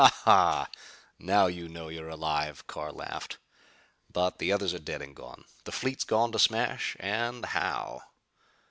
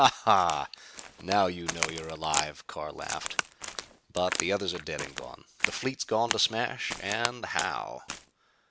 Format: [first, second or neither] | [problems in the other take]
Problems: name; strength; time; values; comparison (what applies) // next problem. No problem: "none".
first | background sound (Crack); 7 dB below the speech